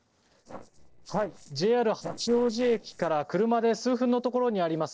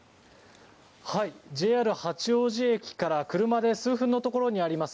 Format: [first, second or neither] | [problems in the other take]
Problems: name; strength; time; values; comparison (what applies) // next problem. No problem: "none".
second | noise reduction (neural separator model SepFormer DNS4)